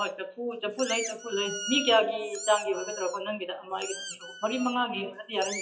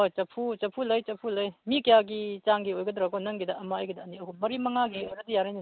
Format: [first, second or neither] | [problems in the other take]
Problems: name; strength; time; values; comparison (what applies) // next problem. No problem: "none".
second | noise reduction (classical method WPE with log-MMSE)